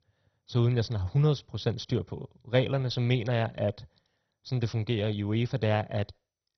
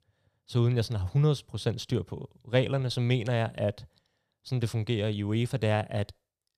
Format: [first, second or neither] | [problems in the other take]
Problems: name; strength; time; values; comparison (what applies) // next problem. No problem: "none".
second | garbled, watery; badly; nothing above 6 kHz